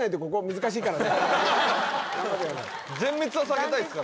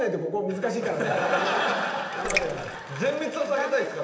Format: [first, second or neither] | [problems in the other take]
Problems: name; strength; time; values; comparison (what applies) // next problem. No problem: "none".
first | background sound (Raindrop); 5 dB below the speech // room echo; dies away in 0.8 s